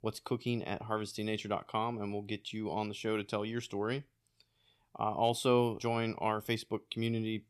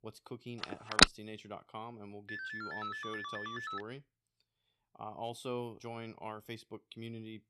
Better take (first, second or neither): first